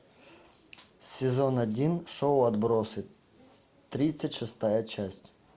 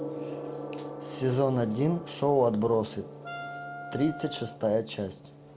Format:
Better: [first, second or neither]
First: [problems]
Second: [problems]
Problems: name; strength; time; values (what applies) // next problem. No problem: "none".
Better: first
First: none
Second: background sound (Gong + Wind instrument, woodwind instrument); 10 dB below the speech